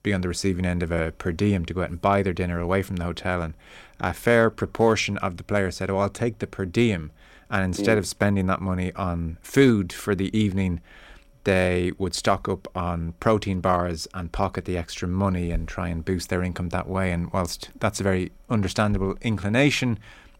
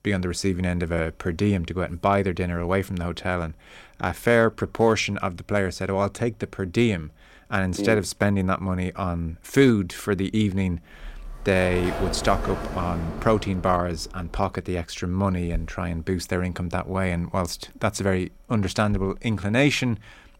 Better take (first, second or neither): first